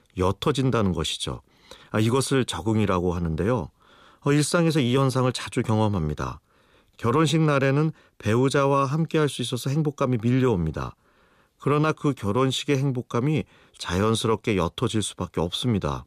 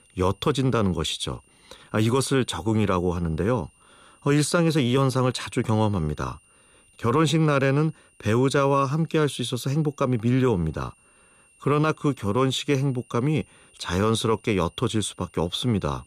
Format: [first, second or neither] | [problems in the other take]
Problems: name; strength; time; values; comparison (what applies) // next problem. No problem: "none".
first | high-pitched whine; faint; throughout; 3 kHz, 35 dB below the speech